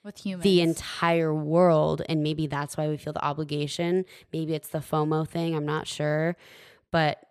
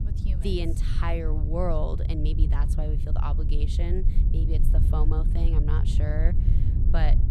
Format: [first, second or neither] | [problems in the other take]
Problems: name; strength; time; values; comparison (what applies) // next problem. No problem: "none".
first | low rumble; loud; throughout; 7 dB below the speech